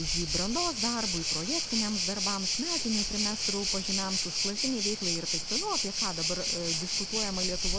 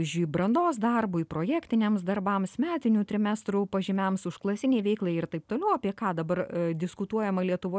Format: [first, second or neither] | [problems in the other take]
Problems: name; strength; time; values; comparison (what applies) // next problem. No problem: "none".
second | background sound (Waves, surf); 4 dB above the speech